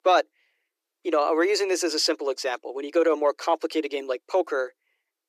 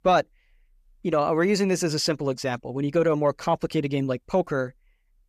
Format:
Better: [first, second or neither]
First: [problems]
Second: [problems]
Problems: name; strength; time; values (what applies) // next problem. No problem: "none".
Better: second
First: thin; very; fading below 300 Hz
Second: none